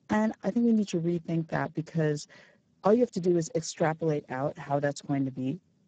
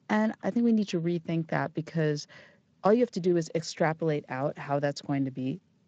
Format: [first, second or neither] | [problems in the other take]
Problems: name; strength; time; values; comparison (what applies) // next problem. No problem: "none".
second | garbled, watery; badly; nothing above 7.5 kHz; slightly in the second